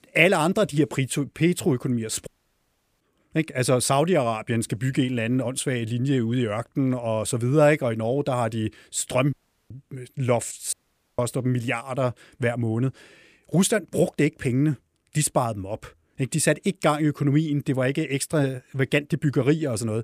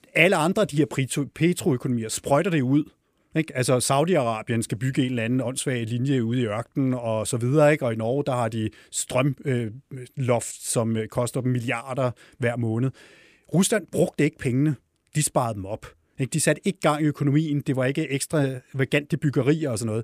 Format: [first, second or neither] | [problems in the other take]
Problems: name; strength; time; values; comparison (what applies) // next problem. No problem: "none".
second | audio cutting out; at 2.5 s for 0.5 s, at 9.5 s and at 11 s